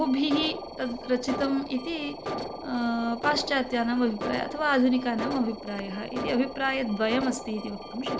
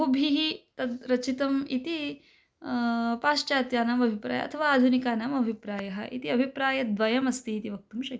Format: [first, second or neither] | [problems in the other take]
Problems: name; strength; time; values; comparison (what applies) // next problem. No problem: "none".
second | background sound (Alarm); 8 dB below the speech